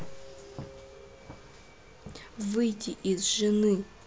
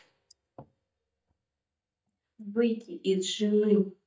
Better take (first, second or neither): first